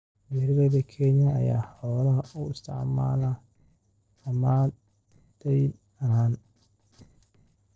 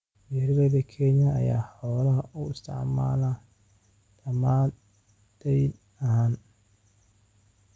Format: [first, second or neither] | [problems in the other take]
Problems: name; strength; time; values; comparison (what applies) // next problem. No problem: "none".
second | noise reduction (neural separator model SepFormer DNS4)